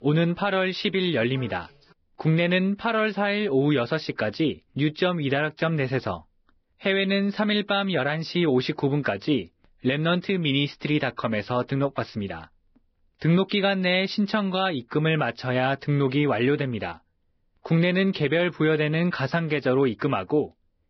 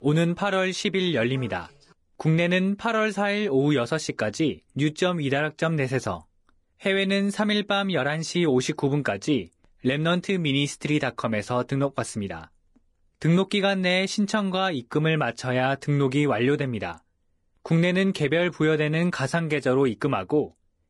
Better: second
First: garbled, watery; badly; nothing above 5.5 kHz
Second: garbled, watery; slightly; nothing above 10.5 kHz

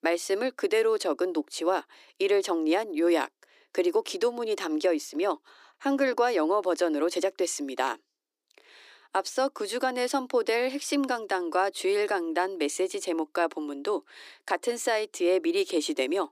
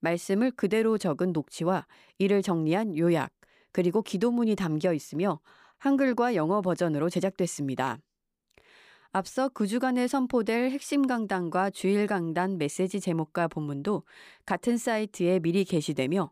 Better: second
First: thin; somewhat; fading below 300 Hz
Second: none

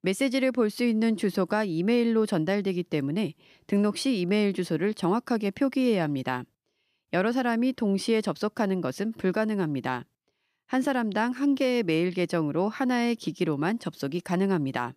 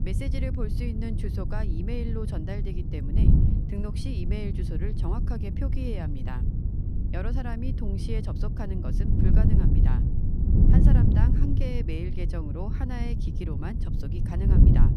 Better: first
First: none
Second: wind noise on the microphone; heavy; 1 dB above the speech

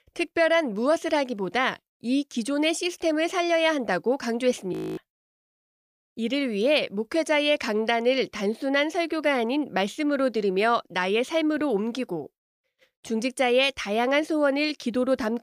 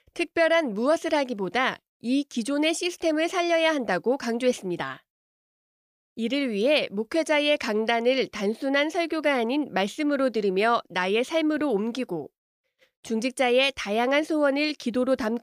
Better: second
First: audio freezing; at 4.5 s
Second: none

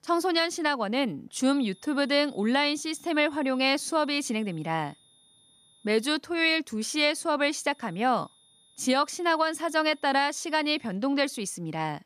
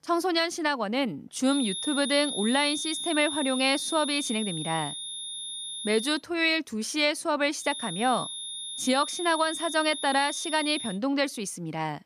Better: first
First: high-pitched whine; faint; from 1.5 to 6 s and from 7.5 to 11 s; 3.5 kHz, 30 dB below the speech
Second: high-pitched whine; loud; from 1.5 to 6 s and from 7.5 to 11 s; 3.5 kHz, 6 dB below the speech

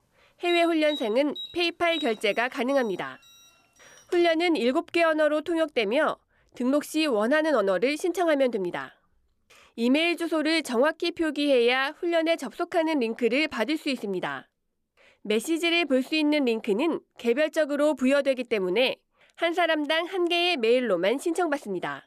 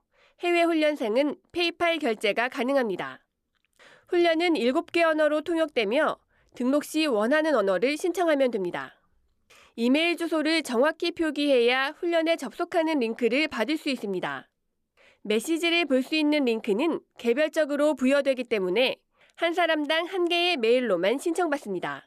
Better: second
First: alarm; faint; until 4.5 s; peak 10 dB below the speech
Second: none

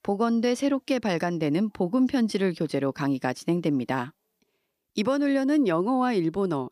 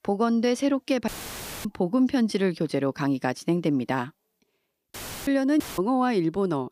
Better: first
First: none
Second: audio cutting out; filled with static; at 1 s for 0.5 s, at 5 s and at 5.5 s

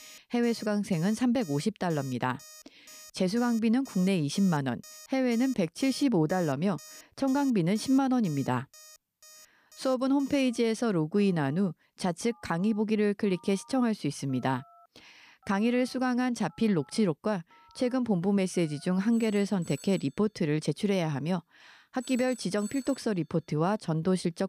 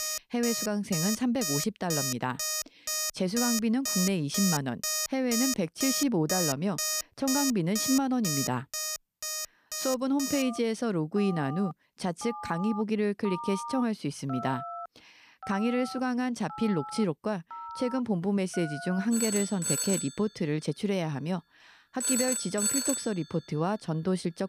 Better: first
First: alarms or sirens; faint; throughout; 20 dB below the speech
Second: alarms or sirens; loud; throughout; 2 dB below the speech

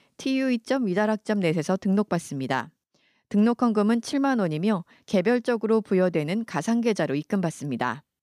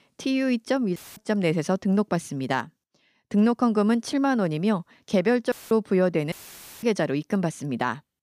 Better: first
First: none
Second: audio cutting out; filled with static; at 1 s, at 5.5 s and at 6.5 s for 0.5 s

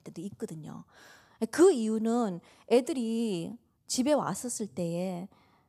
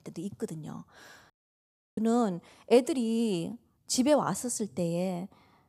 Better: first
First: none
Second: audio cutting out; at 1.5 s for 0.5 s

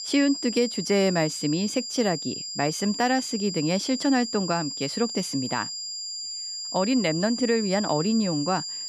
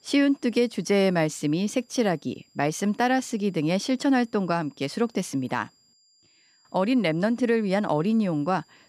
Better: second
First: high-pitched whine; loud; throughout; 5 kHz, 6 dB below the speech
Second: high-pitched whine; faint; throughout; 5 kHz, 35 dB below the speech

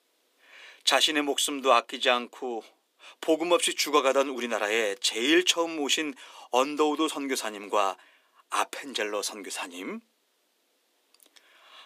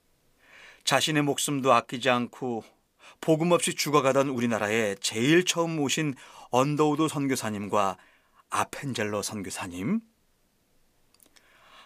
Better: second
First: thin; very slightly; fading below 300 Hz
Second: none

